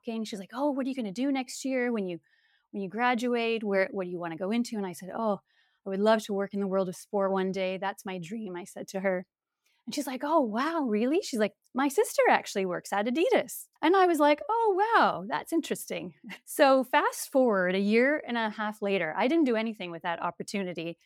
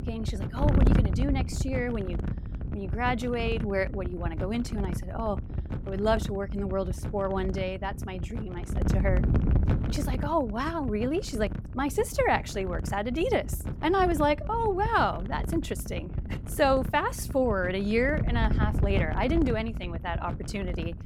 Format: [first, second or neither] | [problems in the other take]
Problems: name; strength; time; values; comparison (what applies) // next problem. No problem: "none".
first | wind noise on the microphone; occasional gusts; 10 dB below the speech